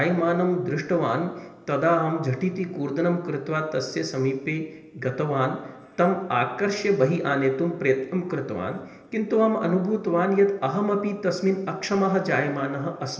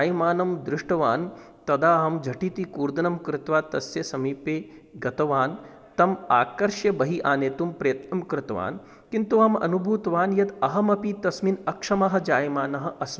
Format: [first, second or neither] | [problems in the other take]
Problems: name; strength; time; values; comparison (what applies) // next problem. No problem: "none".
second | room echo; dies away in 1.4 s